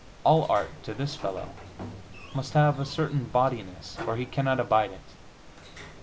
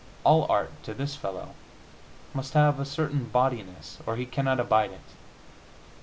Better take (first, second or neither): second